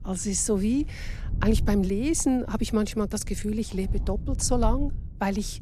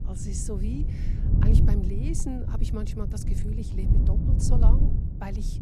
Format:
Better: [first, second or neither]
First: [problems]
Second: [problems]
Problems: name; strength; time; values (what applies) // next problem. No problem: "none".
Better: first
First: low rumble; faint; throughout; 20 dB below the speech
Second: low rumble; loud; throughout; 1 dB below the speech